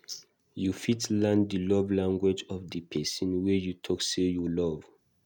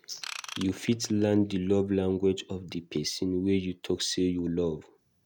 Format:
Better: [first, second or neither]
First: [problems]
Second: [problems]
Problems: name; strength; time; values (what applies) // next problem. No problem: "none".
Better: first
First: none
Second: background sound (Ratchet, pawl / Tools); 14 dB below the speech